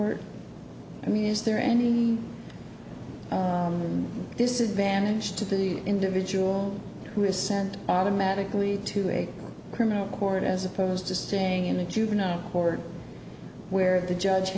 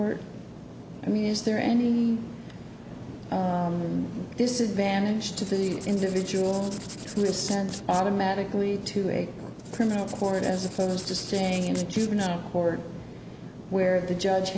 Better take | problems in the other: first | background sound (Writing); 15 dB below the speech

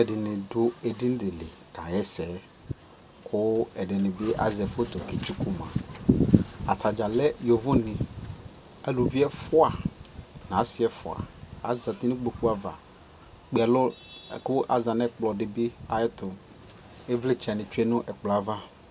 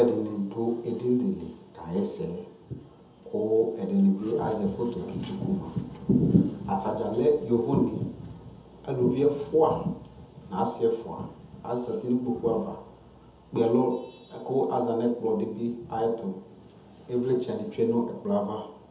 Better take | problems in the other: first | room echo; dies away in 0.7 s

